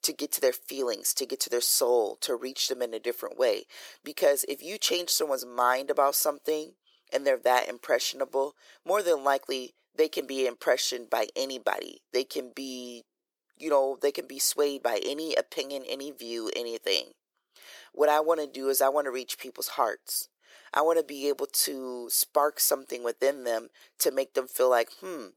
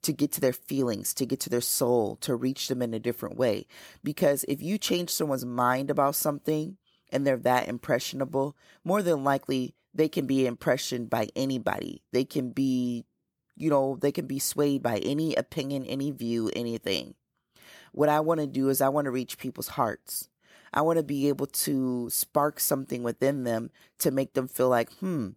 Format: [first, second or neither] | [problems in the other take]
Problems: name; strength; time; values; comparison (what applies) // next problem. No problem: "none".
second | thin; somewhat; fading below 400 Hz